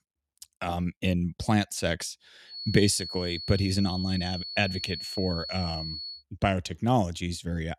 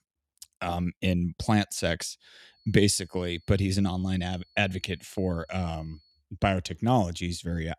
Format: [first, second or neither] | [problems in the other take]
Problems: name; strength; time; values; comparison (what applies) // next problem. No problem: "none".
second | high-pitched whine; loud; from 2.5 to 6 s; 4.5 kHz, 7 dB below the speech; faint in the second